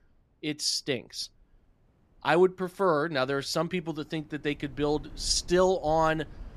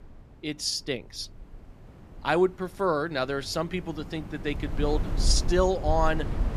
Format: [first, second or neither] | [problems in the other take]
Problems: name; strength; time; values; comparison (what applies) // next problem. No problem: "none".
first | wind in the background; loud; throughout; 4 dB below the speech; faint in the first